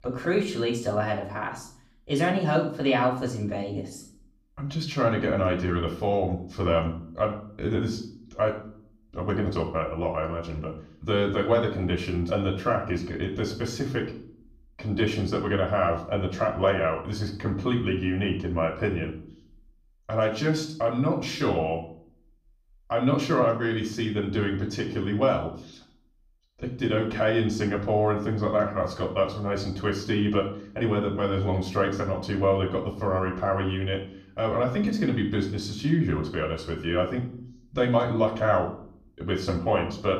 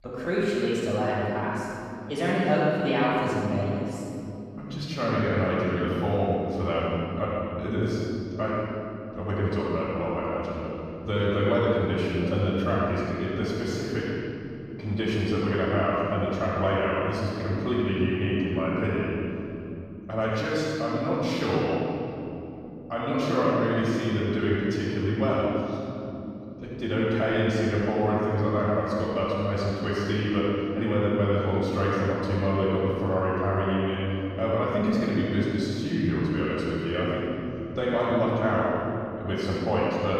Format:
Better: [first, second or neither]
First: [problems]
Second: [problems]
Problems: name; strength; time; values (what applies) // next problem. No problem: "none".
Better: first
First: room echo; slight; dies away in 0.5 s // off-mic speech; far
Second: room echo; strong; dies away in 3 s // off-mic speech; far